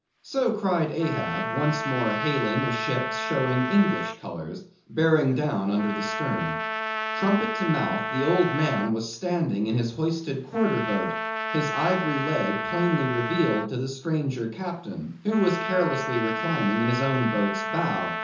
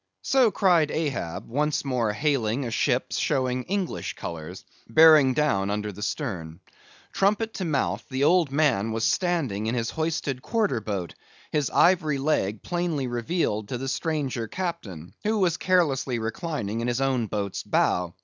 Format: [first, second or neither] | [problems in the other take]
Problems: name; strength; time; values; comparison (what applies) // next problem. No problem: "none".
second | background sound (Trumpet); 5 dB below the speech // room echo; dies away in 0.6 s